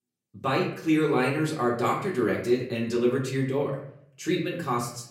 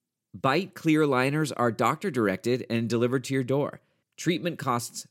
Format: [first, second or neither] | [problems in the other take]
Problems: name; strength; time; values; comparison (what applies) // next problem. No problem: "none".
second | off-mic speech; far // room echo; slight; dies away in 0.5 s